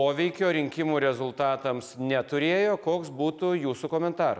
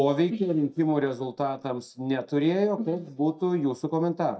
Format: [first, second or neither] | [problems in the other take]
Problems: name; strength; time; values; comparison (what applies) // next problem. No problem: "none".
first | noise reduction (neural mask model DeepFilterNet 3)